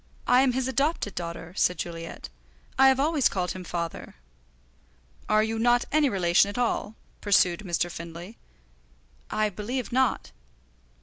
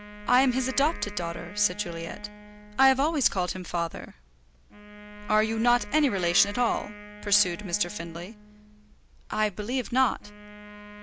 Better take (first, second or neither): first